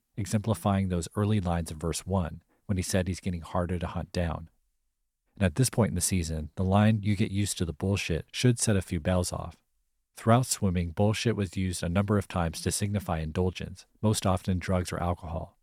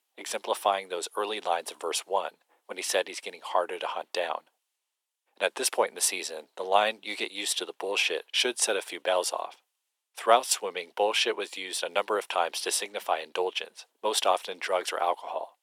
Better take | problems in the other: first | thin; very; fading below 400 Hz

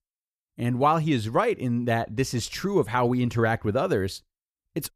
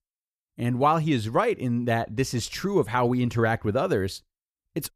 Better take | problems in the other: neither | none

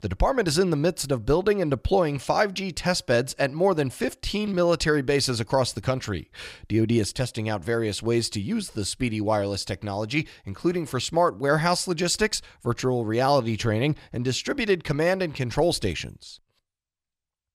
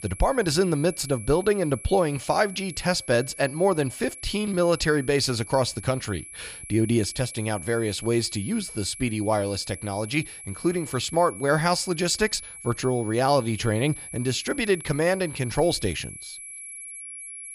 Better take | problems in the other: first | high-pitched whine; noticeable; throughout; 11 kHz, 15 dB below the speech

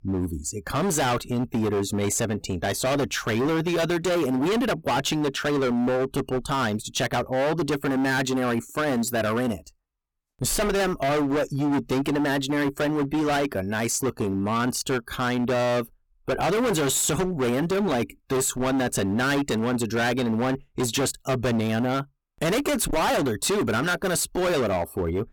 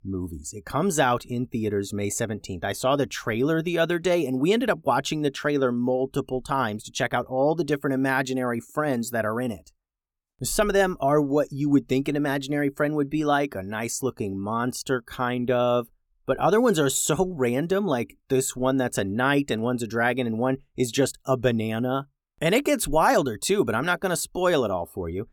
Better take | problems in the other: second | distortion; heavy; 28% of the sound clipped

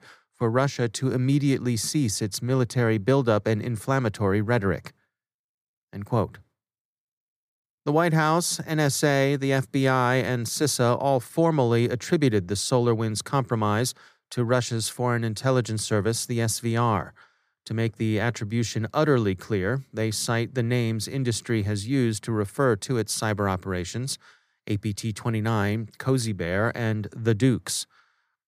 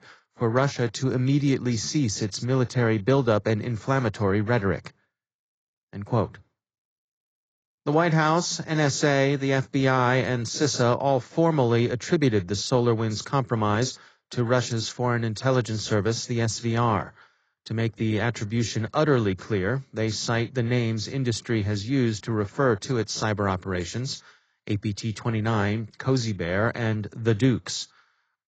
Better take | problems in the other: first | garbled, watery; badly; nothing above 7.5 kHz

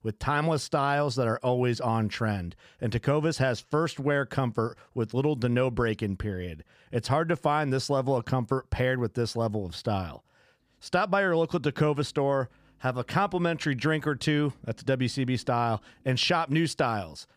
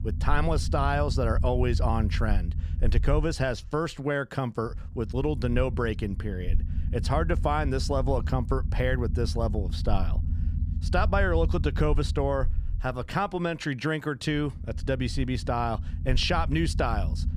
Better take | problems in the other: first | low rumble; noticeable; throughout; 15 dB below the speech

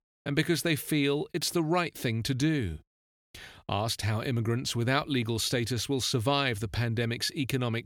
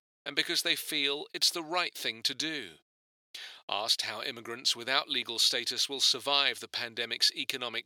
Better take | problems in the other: first | thin; very; fading below 500 Hz

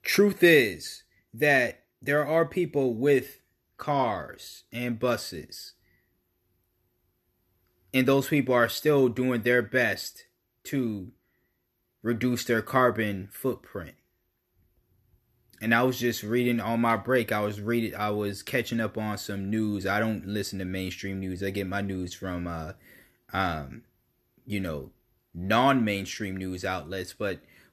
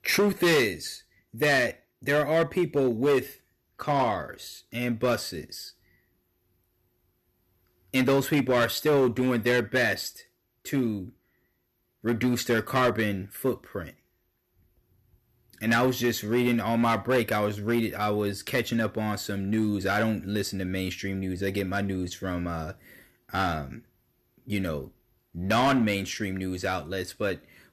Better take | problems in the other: first | distortion; slight; 4% of the sound clipped

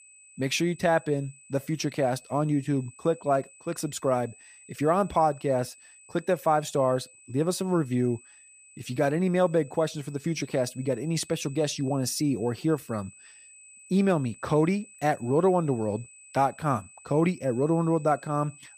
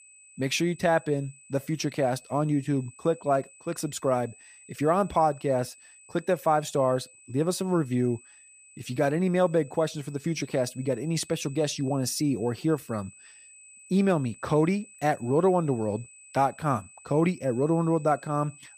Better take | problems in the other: neither | high-pitched whine; faint; throughout; 8 kHz, 20 dB below the speech; the same in both

